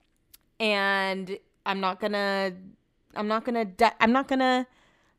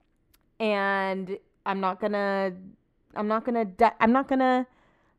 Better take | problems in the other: first | muffled; slightly; fading above 2.5 kHz

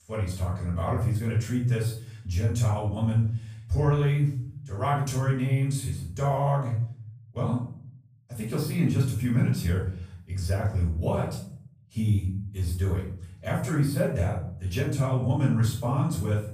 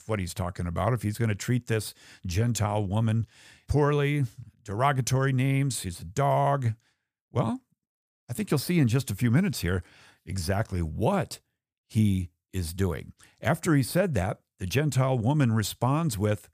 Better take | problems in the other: second | room echo; noticeable; dies away in 0.5 s // off-mic speech; far

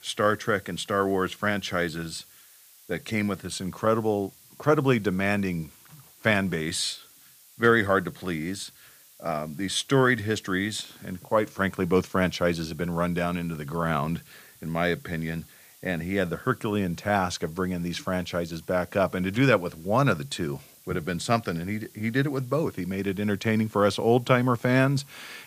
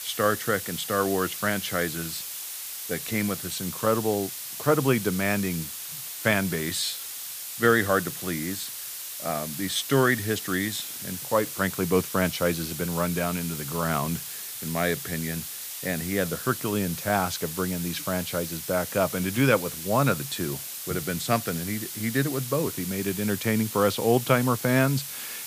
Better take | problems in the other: first | hiss; loud; throughout; 6 dB below the speech; faint in the first

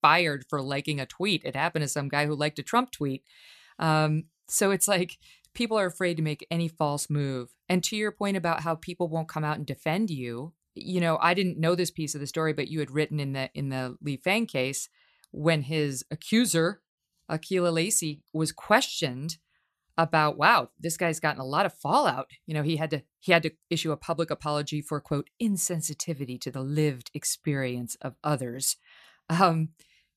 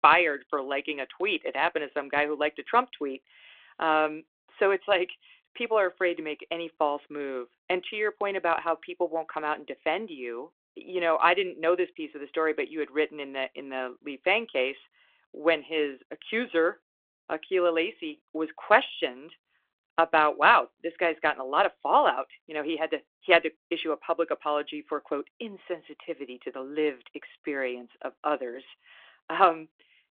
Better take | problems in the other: first | phone-call audio

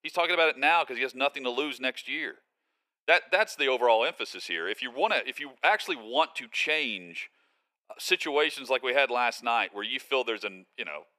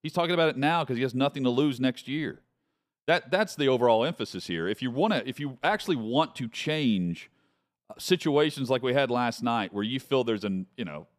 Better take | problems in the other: second | thin; very; fading below 450 Hz

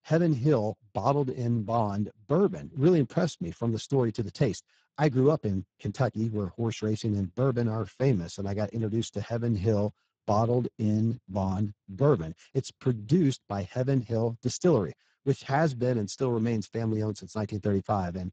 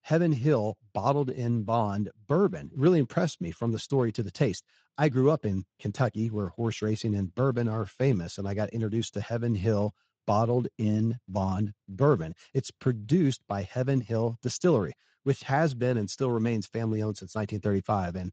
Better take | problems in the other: second | garbled, watery; badly; nothing above 7.5 kHz; slightly in the second

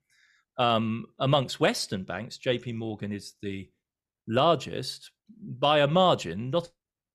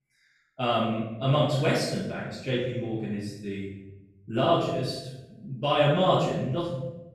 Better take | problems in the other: first | off-mic speech; far // room echo; noticeable; dies away in 1 s

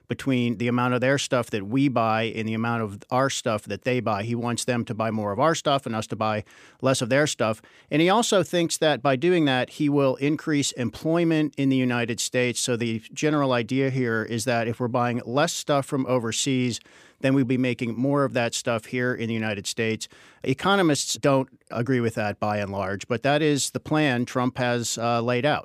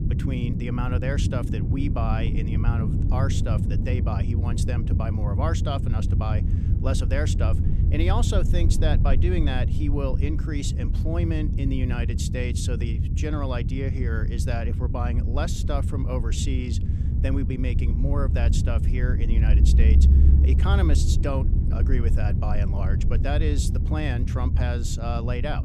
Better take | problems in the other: first | low rumble; loud; throughout; 5 dB below the speech

